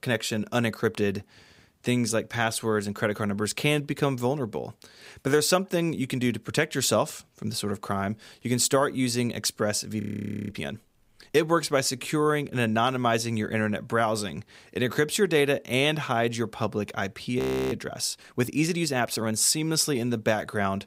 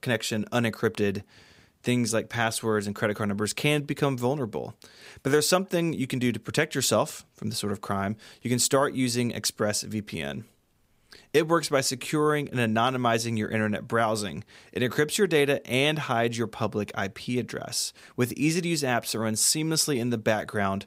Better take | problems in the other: second | audio freezing; at 10 s and at 17 s

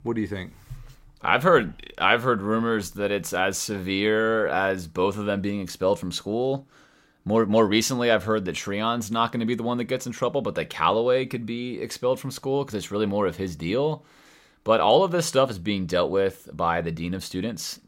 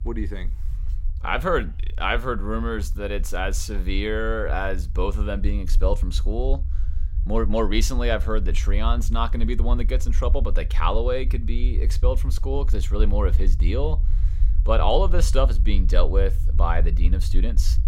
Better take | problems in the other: first | low rumble; noticeable; throughout; 20 dB below the speech

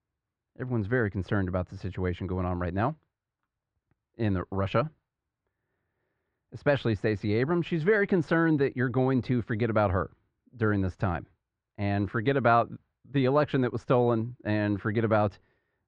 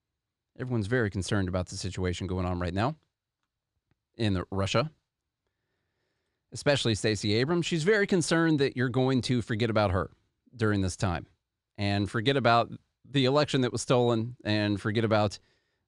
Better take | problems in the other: second | muffled; very; fading above 1.5 kHz

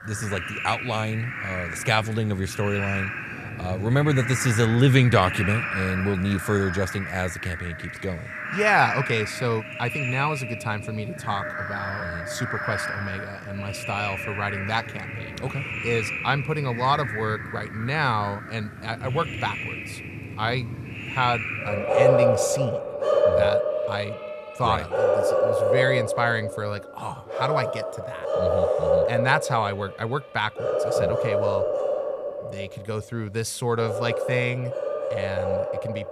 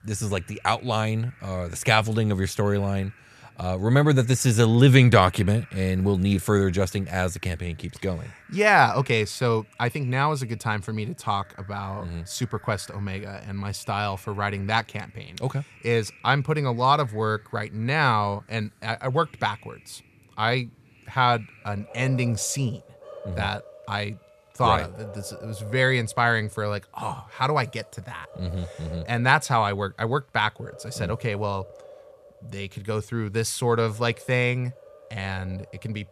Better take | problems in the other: second | animal sounds; loud; throughout; 1 dB below the speech; faint in the second

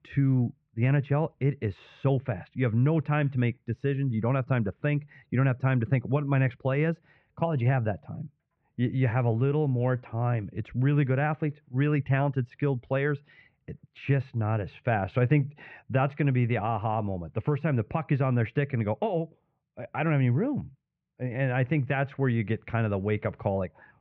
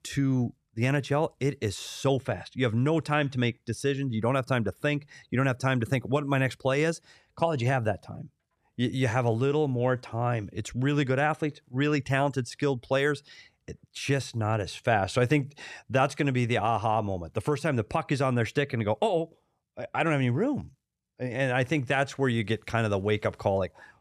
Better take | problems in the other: second | muffled; very; fading above 2.5 kHz

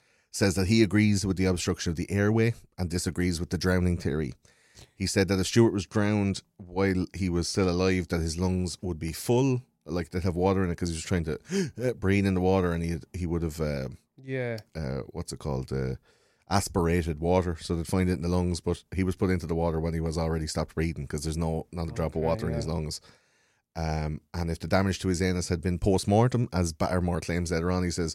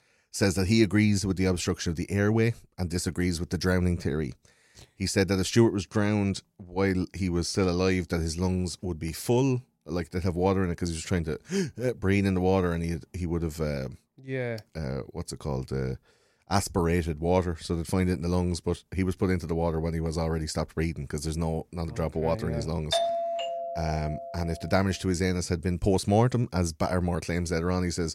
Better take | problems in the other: first | doorbell; loud; from 23 to 24 s; peak 1 dB above the speech

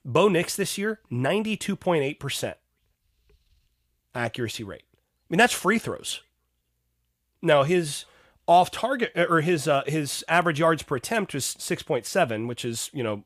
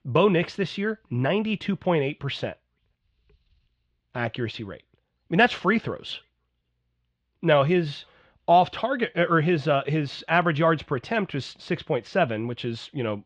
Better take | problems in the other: first | muffled; slightly; fading above 4 kHz

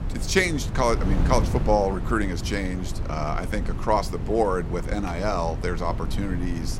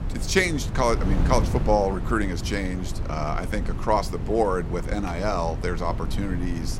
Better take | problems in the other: neither | wind noise on the microphone; occasional gusts; 15 dB below the speech; the same in both

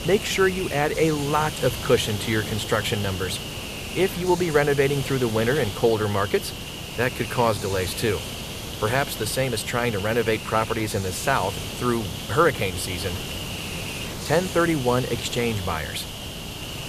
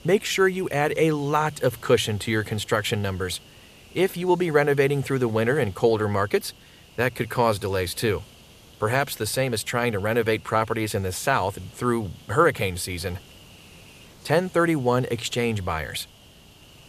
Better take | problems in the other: second | hiss; loud; throughout; 7 dB below the speech; faint in the second

